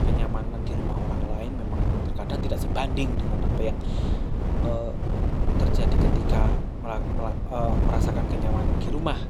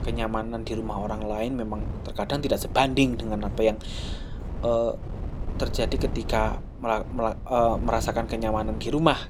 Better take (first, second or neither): second